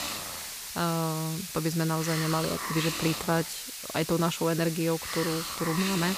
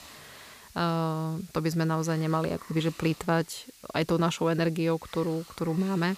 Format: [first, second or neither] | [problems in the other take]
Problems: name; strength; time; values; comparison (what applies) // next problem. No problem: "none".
second | hiss; loud; throughout; 4 dB below the speech; faint in the second